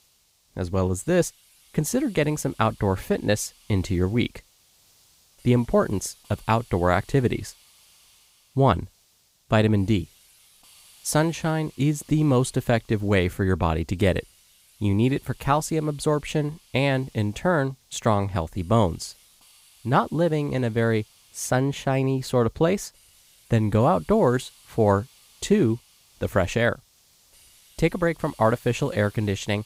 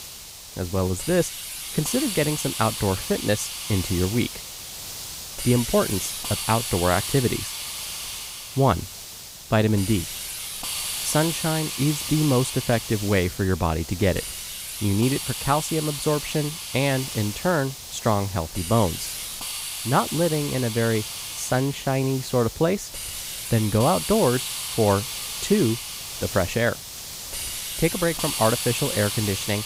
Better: first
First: hiss; faint; throughout; 30 dB below the speech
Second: hiss; loud; throughout; 5 dB below the speech

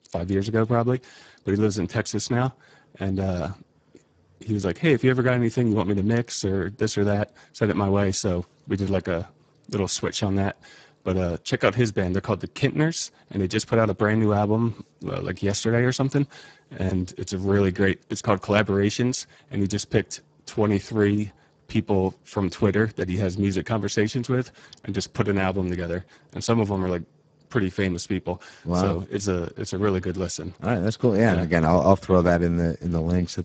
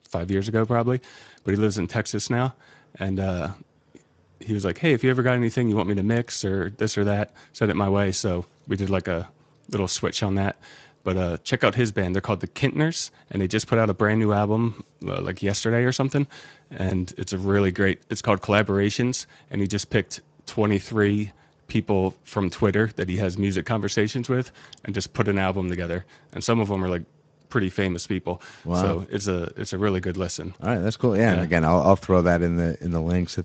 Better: second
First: garbled, watery; badly; nothing above 7.5 kHz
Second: garbled, watery; slightly; nothing above 7.5 kHz

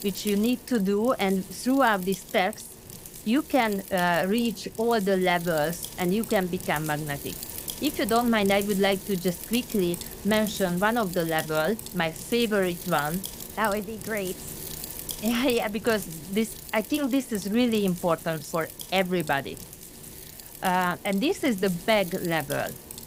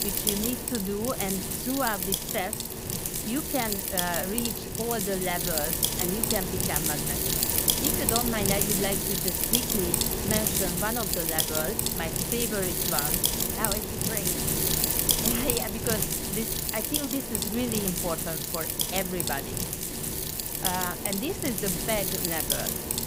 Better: first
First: wind noise on the microphone; occasional gusts; 15 dB below the speech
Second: wind noise on the microphone; heavy; 3 dB above the speech

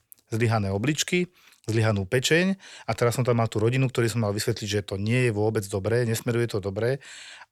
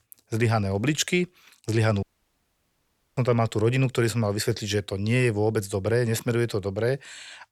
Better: first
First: none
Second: audio cutting out; at 2 s for 1 s

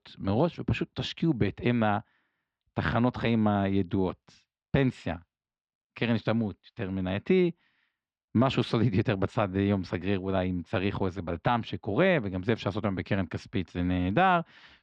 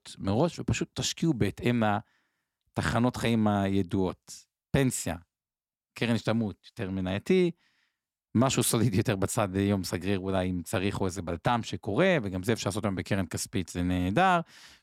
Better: second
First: muffled; slightly; fading above 3.5 kHz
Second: none

